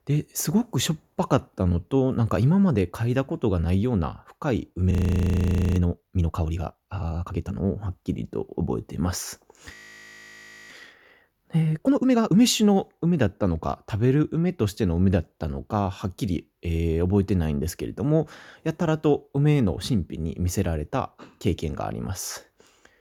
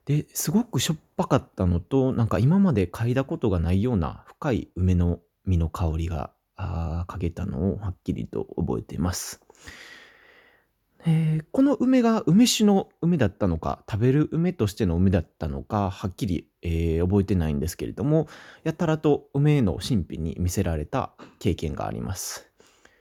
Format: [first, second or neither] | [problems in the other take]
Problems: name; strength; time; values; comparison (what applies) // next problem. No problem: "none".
second | audio freezing; at 5 s for 1 s and at 9.5 s for 1 s